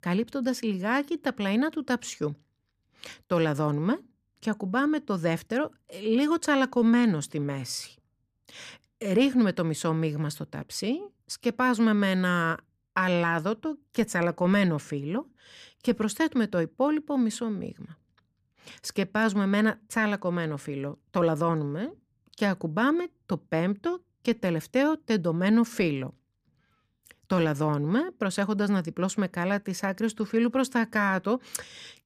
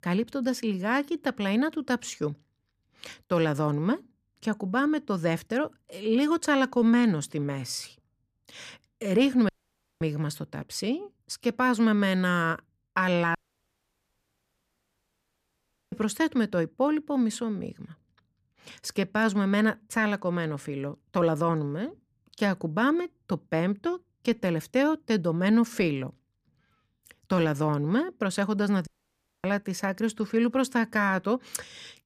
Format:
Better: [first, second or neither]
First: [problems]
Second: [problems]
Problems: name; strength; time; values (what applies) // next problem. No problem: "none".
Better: first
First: none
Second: audio cutting out; at 9.5 s for 0.5 s, at 13 s for 2.5 s and at 29 s for 0.5 s